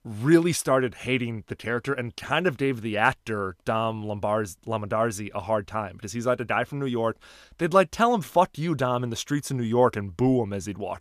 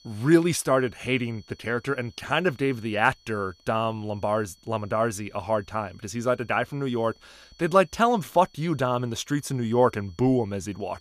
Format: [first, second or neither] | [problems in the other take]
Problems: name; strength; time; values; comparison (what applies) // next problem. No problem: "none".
first | high-pitched whine; faint; throughout; 4.5 kHz, 30 dB below the speech